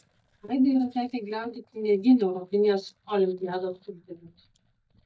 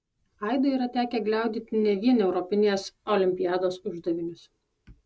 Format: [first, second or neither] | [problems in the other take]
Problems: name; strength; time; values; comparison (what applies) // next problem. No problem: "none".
second | noise reduction (neural mask model DeepFilterNet 3)